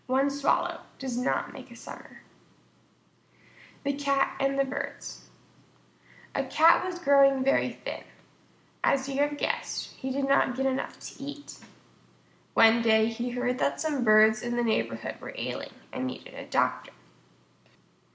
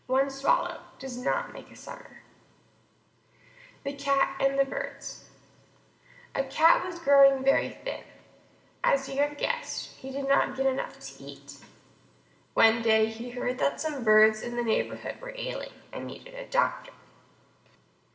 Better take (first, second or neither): first